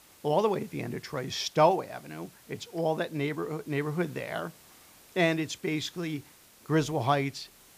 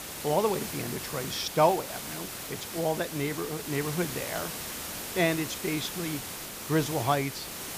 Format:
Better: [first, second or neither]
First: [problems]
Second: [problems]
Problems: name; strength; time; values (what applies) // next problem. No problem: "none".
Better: first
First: hiss; faint; throughout; 25 dB below the speech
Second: hiss; loud; throughout; 6 dB below the speech